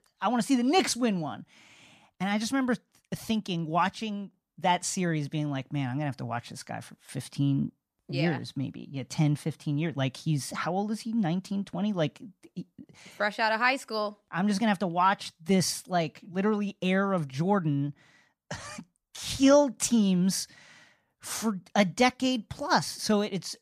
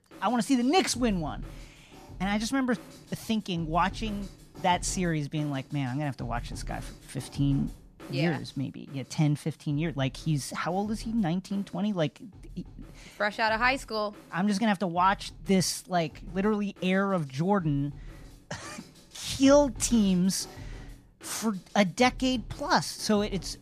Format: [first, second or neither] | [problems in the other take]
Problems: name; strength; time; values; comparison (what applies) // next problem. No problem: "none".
first | background music; noticeable; throughout; 20 dB below the speech